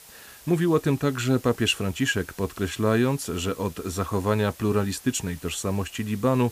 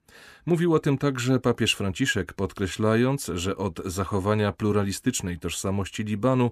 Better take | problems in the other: second | hiss; faint; throughout; 20 dB below the speech

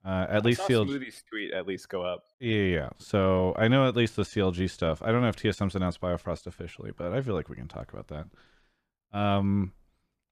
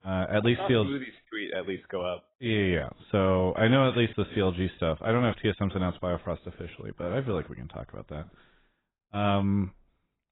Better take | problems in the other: first | garbled, watery; badly; nothing above 3.5 kHz

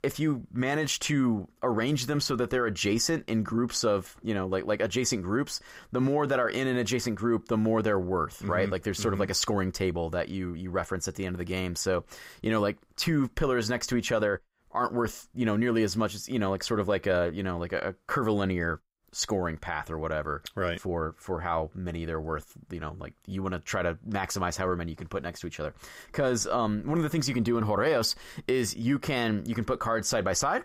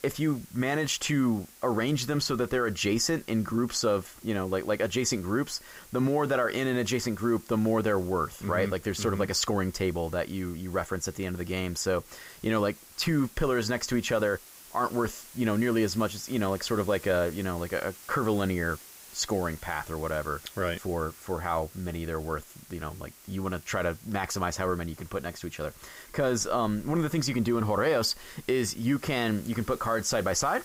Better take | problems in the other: first | hiss; noticeable; throughout; 20 dB below the speech

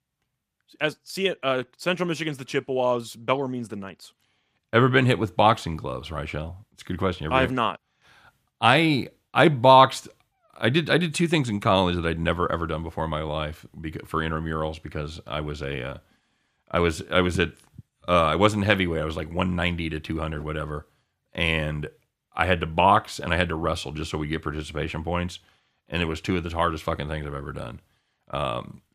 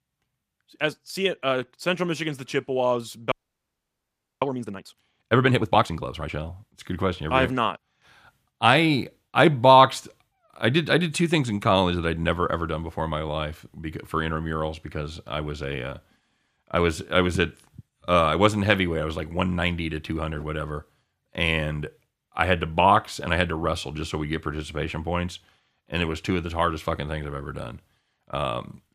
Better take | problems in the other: first | audio freezing; at 3.5 s for 1 s

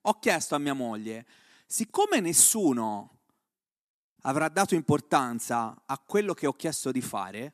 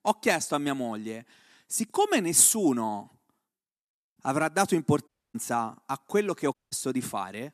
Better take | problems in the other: first | audio cutting out; at 5 s and at 6.5 s

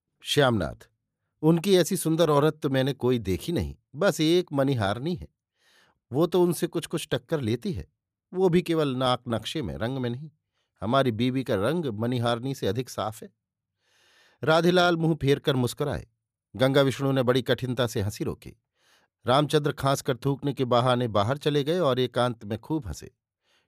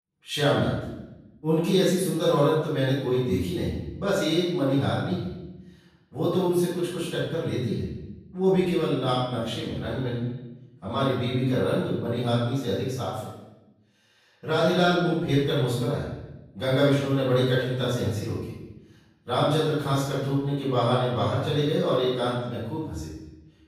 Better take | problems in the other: first | off-mic speech; far // room echo; strong; dies away in 0.9 s

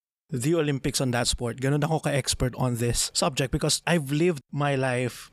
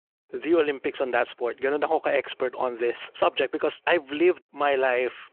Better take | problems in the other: first | phone-call audio

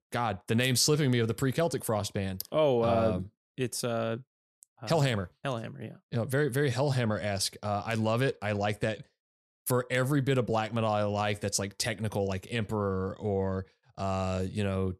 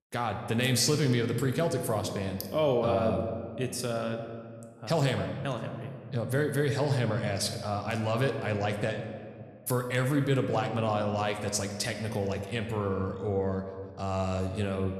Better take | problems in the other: first | room echo; slight; dies away in 1.5 s

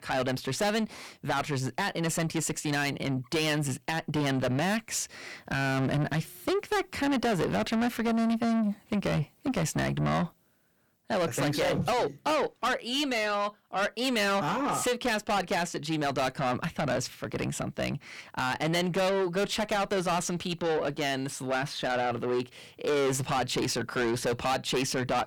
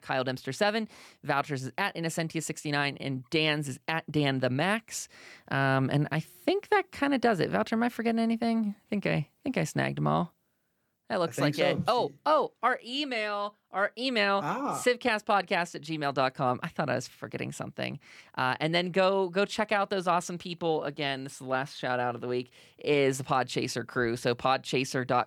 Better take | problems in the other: second | distortion; heavy; 5 dB below the speech

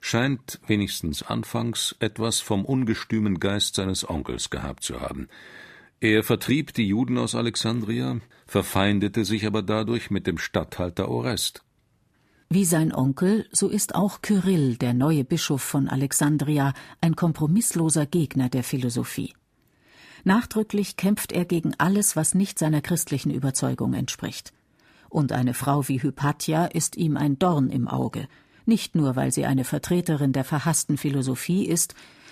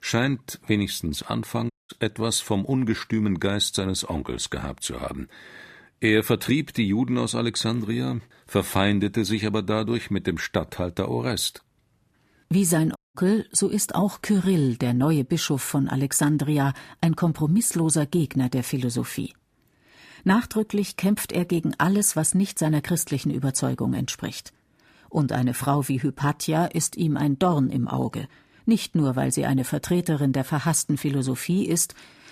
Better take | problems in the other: first | audio cutting out; at 1.5 s and at 13 s

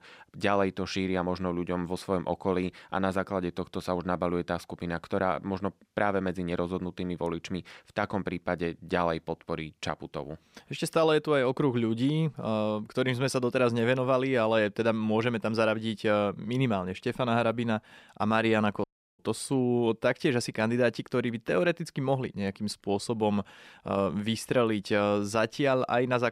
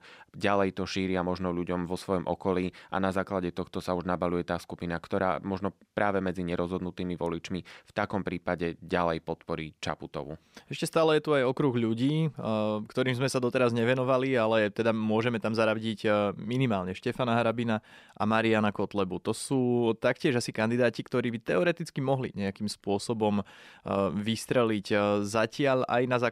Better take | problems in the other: second | audio cutting out; at 19 s

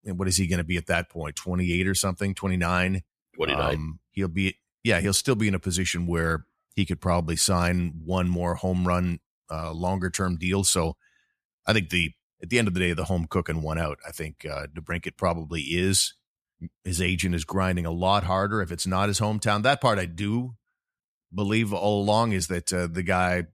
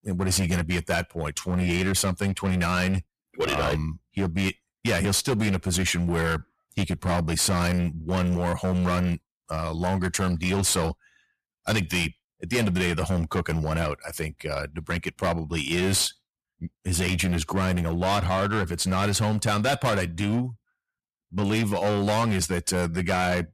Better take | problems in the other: first | distortion; heavy; 14% of the sound clipped

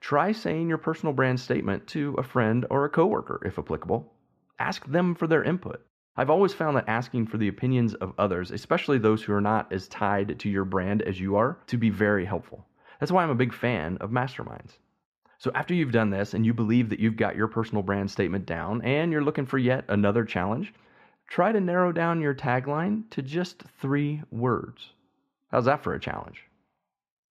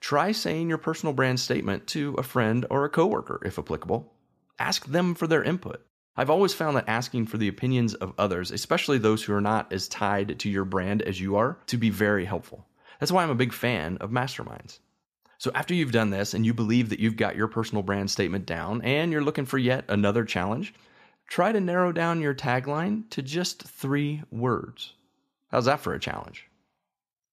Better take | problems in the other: second | muffled; slightly; fading above 3.5 kHz

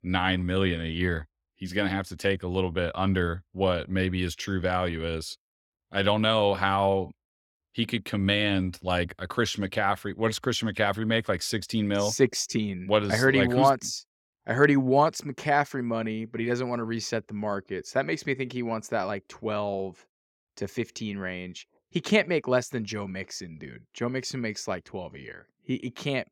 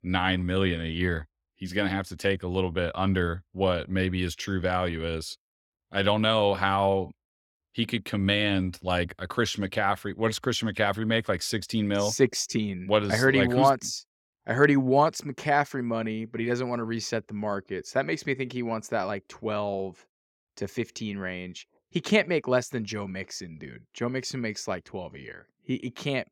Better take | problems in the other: neither | none

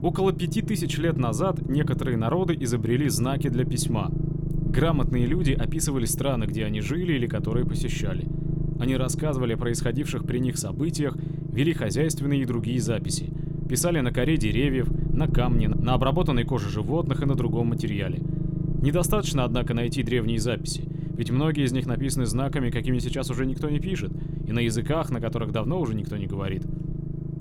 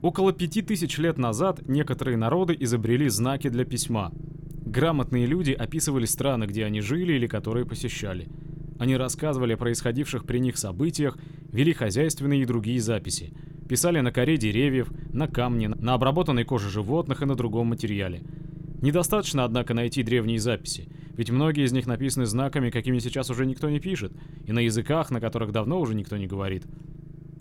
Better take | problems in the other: second | low rumble; loud; throughout; 9 dB below the speech; faint in the second

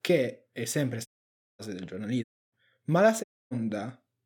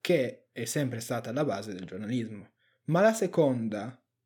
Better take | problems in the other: second | audio cutting out; at 1 s for 0.5 s, at 2 s and at 3 s

